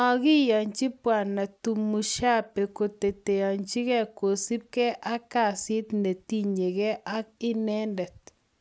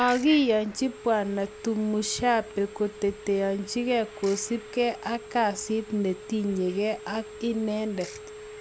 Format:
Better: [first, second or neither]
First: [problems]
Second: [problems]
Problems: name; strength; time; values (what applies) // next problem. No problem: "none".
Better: first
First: none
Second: background sound (Ratchet, pawl / Percussion + Telephone); 15 dB below the speech